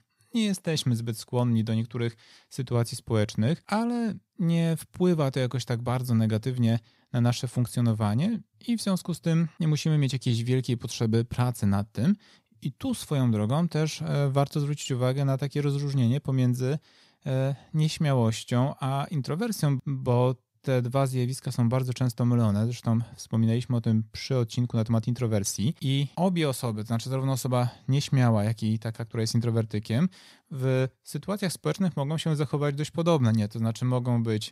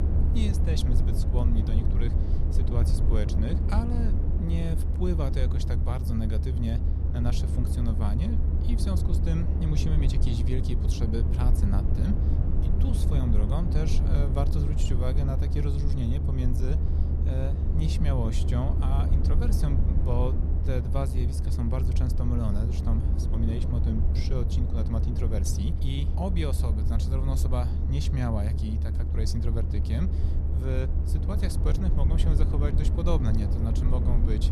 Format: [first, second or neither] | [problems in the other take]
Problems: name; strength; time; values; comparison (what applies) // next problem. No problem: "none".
first | low rumble; loud; throughout; 3 dB below the speech